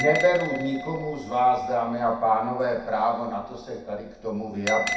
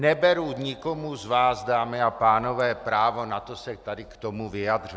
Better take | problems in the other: second | background sound (Bell); 9 dB below the speech // room echo; dies away in 0.6 s

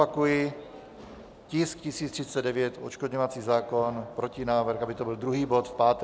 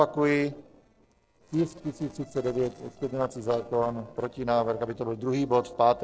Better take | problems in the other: first | noise reduction (neural separator model SepFormer DNS4)

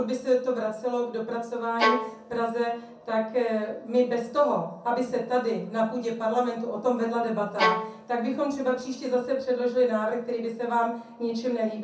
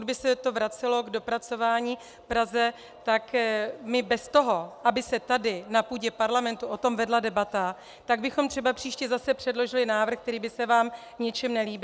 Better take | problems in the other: second | background sound (Bowed string instrument); 1 dB below the speech // room echo; dies away in 0.6 s

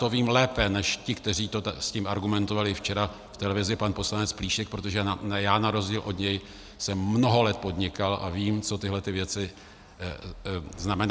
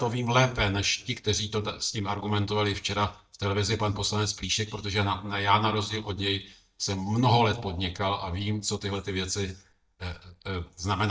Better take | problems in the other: first | noise reduction (neural mask model DeepFilterNet 3)

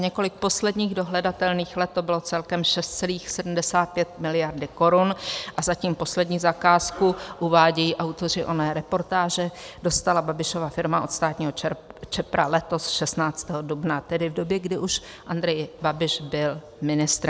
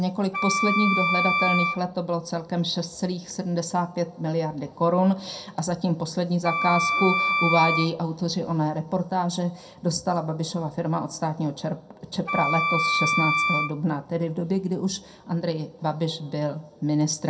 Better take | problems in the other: first | background sound (Wind instrument, woodwind instrument); as loud as the speech // room echo; dies away in 0.2 s

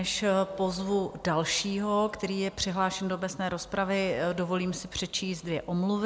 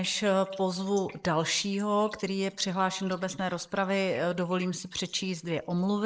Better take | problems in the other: first | noise reduction (neural mask model Resemble Enhance denoiser)

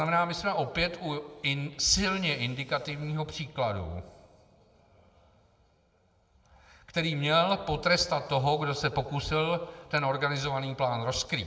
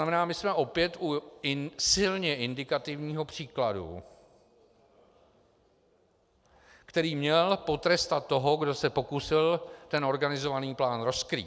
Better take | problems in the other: second | room echo; dies away in 1.1 s

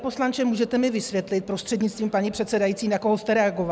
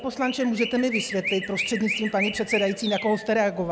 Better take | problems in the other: first | background sound (Chirp, tweet); 7 dB below the speech

